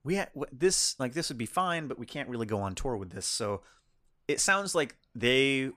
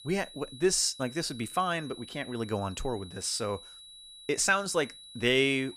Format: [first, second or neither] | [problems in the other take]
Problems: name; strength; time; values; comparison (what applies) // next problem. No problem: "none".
first | high-pitched whine; noticeable; throughout; 4 kHz, 15 dB below the speech